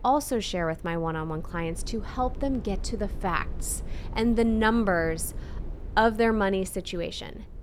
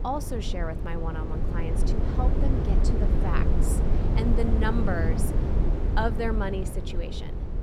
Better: first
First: low rumble; faint; throughout; 20 dB below the speech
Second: low rumble; loud; throughout; 3 dB below the speech

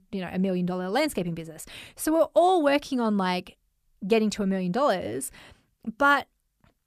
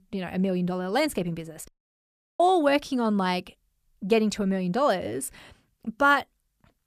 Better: first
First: none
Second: audio cutting out; at 1.5 s for 0.5 s

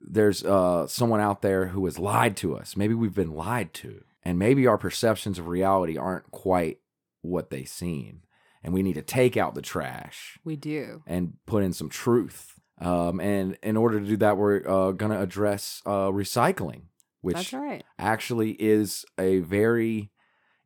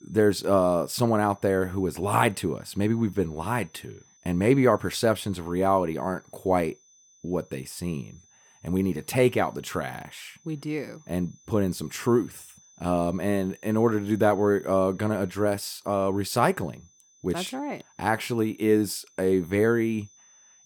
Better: first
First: none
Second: high-pitched whine; faint; throughout; 6 kHz, 30 dB below the speech

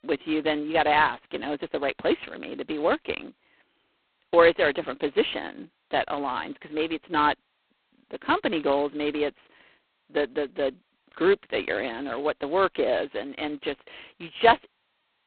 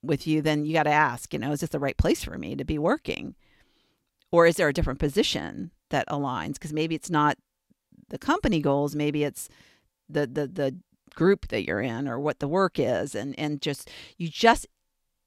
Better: second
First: phone-call audio; poor line; nothing above 4 kHz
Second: none

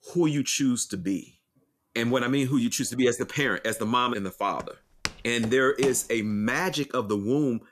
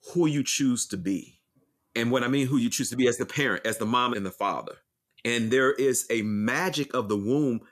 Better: second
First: footsteps; noticeable; from 4.5 to 6 s; peak 8 dB below the speech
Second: none

